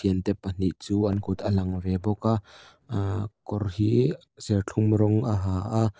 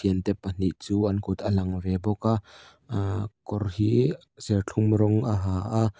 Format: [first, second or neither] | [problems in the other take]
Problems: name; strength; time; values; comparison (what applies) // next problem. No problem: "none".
second | noise reduction (neural separator model SepFormer DNS4)